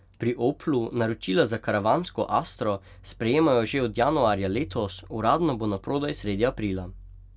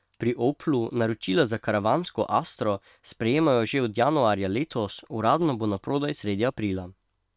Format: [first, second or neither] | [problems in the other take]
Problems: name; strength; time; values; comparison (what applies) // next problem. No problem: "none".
first | noise reduction (neural separator model SepFormer WHAM!)